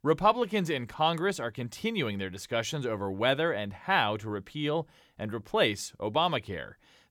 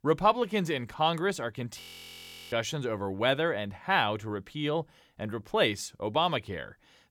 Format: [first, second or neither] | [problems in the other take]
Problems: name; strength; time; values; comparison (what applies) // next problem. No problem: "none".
first | audio freezing; at 2 s for 0.5 s